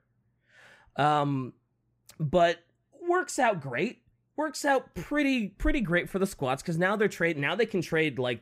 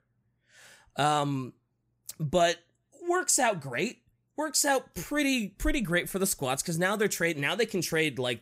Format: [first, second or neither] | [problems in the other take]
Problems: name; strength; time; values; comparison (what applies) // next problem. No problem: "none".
second | muffled; slightly; fading above 4 kHz